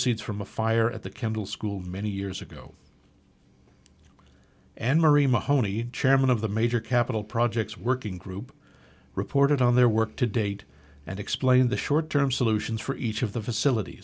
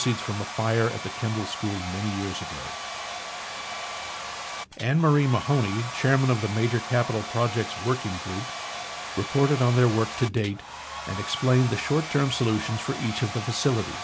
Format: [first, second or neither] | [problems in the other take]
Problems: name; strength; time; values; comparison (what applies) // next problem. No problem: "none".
first | background sound (Domestic sounds, home sounds); 9 dB below the speech